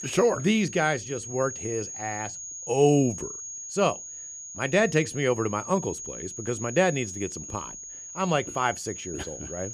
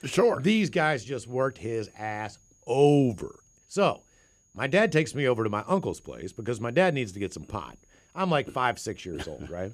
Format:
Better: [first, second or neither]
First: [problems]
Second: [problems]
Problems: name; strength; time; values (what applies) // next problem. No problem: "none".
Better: second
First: high-pitched whine; loud; throughout; 6.5 kHz, 9 dB below the speech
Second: high-pitched whine; faint; throughout; 6.5 kHz, 35 dB below the speech